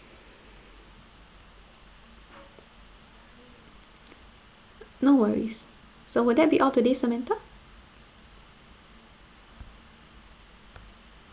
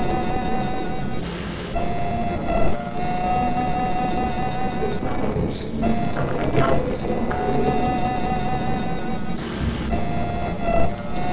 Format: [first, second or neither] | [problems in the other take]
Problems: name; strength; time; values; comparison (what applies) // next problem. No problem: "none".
first | noise reduction (neural separator model SepFormer DNS4)